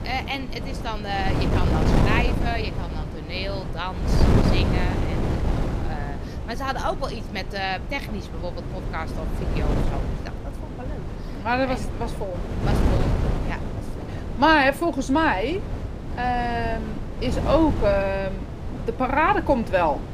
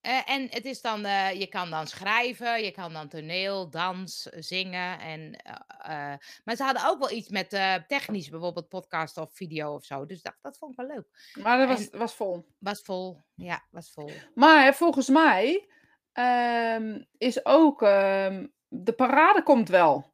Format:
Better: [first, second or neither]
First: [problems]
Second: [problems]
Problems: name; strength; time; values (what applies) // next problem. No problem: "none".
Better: second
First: wind noise on the microphone; heavy; 9 dB below the speech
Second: none